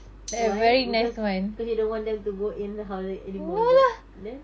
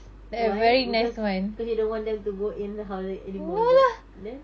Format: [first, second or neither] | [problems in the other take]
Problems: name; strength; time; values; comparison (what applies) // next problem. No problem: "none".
second | background sound (Tambourine); 17 dB below the speech